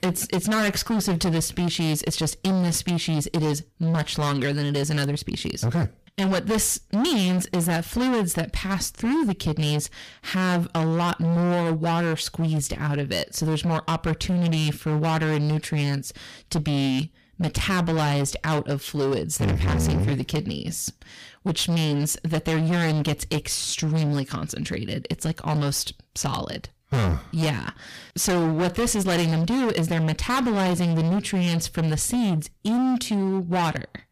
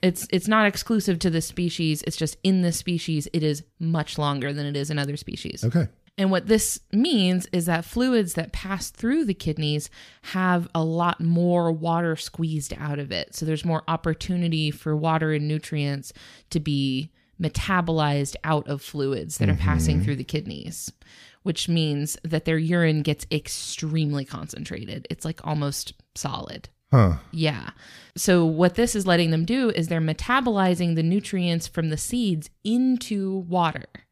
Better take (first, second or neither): second